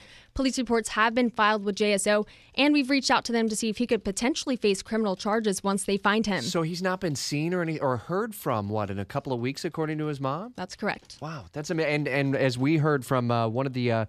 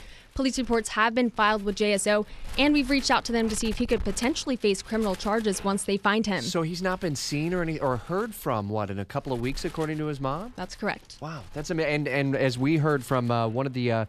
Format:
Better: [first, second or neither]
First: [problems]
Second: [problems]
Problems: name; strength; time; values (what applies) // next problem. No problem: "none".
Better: first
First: none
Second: wind noise on the microphone; occasional gusts; 20 dB below the speech